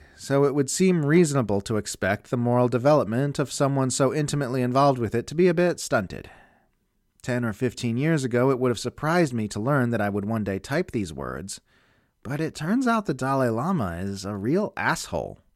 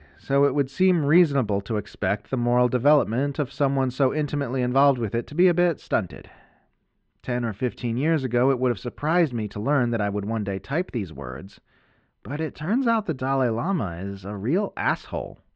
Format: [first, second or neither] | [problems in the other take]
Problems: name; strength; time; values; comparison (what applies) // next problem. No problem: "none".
first | muffled; slightly; fading above 3.5 kHz